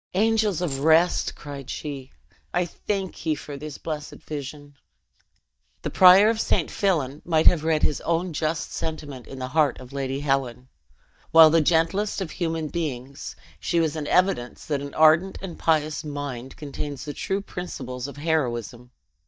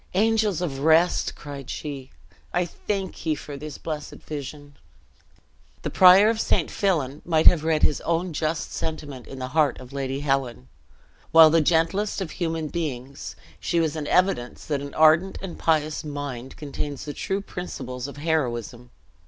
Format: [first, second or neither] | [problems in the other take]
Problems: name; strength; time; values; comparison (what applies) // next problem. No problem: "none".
second | noise reduction (neural mask model DeepFilterNet 3)